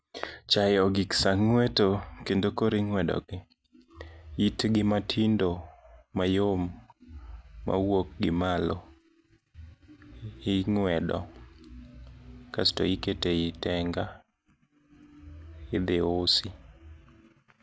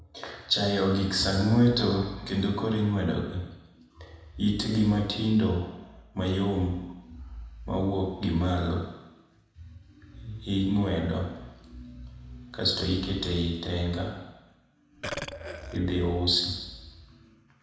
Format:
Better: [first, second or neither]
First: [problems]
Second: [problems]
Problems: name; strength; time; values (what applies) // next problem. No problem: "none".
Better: first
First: none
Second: background sound (Burping, eructation); 10 dB below the speech // room echo; dies away in 1 s